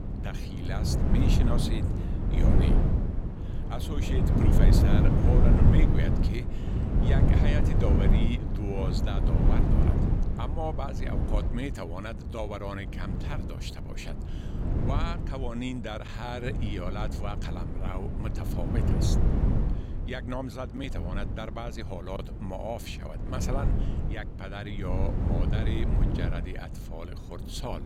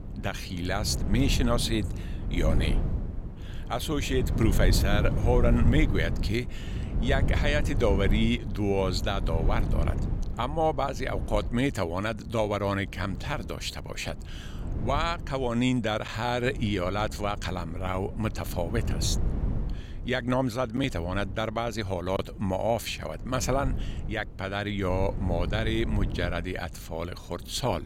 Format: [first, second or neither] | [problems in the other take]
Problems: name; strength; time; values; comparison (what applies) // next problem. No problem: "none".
second | wind noise on the microphone; heavy; 1 dB above the speech; occasional gusts in the second